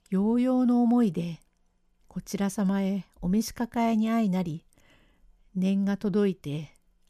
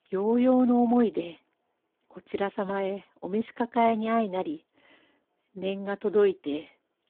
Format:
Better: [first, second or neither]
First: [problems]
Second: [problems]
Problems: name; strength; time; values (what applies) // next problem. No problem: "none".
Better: first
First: none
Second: phone-call audio; poor line